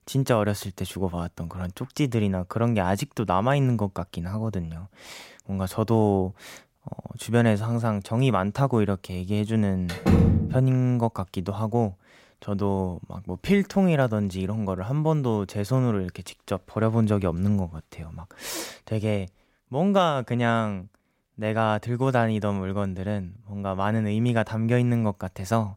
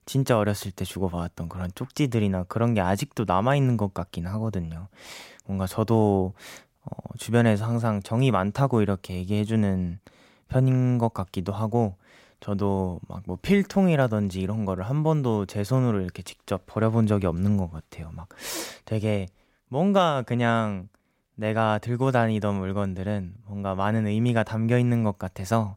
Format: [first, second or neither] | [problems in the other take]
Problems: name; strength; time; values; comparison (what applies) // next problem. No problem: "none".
second | door banging; loud; at 10 s; peak 6 dB above the speech